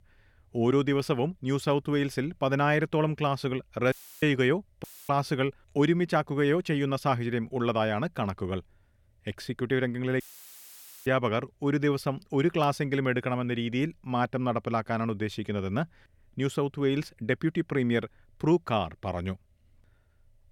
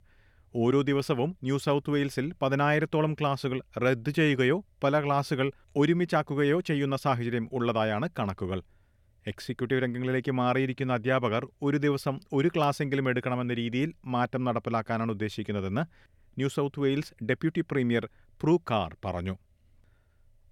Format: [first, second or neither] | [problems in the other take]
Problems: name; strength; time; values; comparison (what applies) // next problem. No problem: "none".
second | audio cutting out; filled with static; at 4 s, at 5 s and at 10 s for 1 s